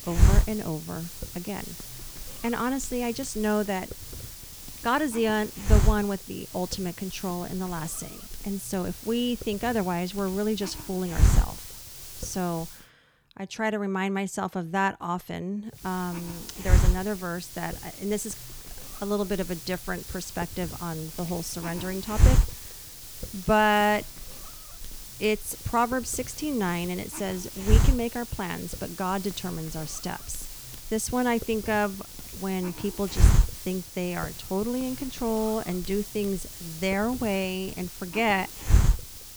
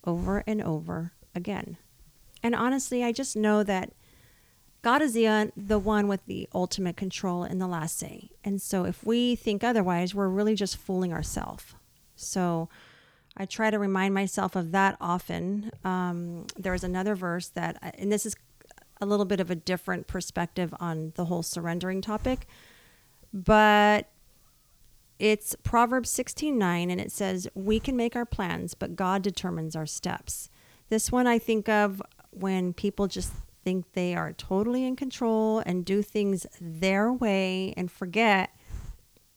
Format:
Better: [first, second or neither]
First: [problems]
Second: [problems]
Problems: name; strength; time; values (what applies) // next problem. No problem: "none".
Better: second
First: hiss; loud; until 13 s and from 16 s on; 2 dB below the speech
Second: hiss; faint; until 13 s and from 16 s on; 25 dB below the speech